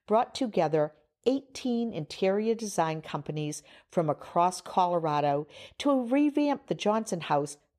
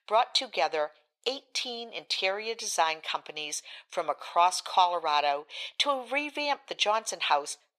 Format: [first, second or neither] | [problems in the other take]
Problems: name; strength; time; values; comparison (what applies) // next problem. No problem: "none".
first | thin; very; fading below 900 Hz